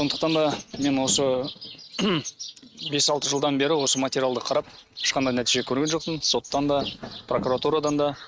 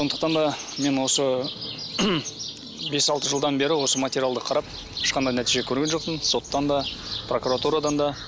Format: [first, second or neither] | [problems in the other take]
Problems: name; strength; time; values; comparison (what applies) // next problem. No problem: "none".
second | noise reduction (neural mask model RNNoise)